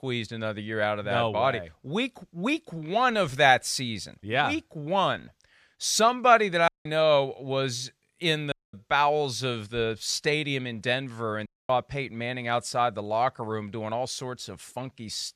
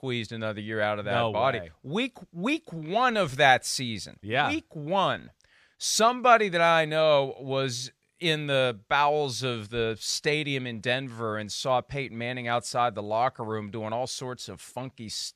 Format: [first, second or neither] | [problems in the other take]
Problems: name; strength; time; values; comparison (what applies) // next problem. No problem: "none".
second | audio cutting out; at 6.5 s, at 8.5 s and at 11 s